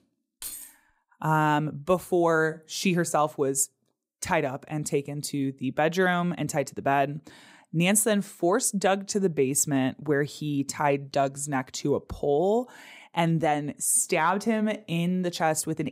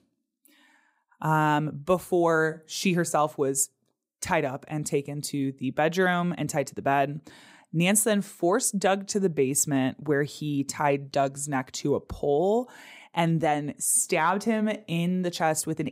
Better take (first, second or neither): second